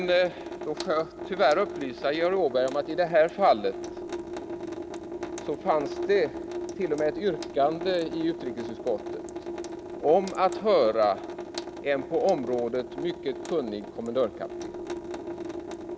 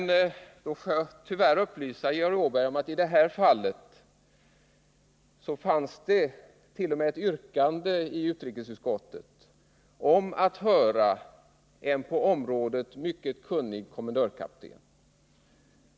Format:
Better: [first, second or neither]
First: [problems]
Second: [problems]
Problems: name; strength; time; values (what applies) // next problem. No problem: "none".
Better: second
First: background sound (Drip / Sink (filling or washing) / Water tap, faucet); 9 dB below the speech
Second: none